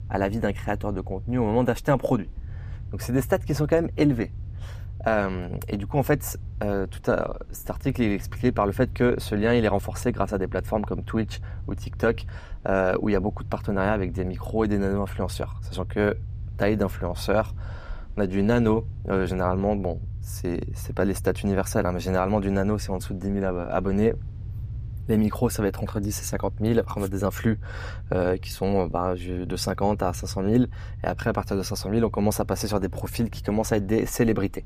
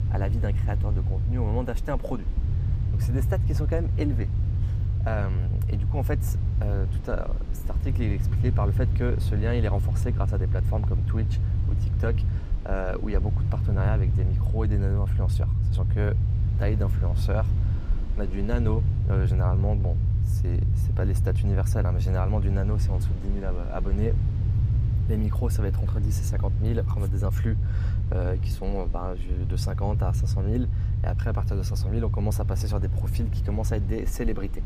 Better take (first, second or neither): first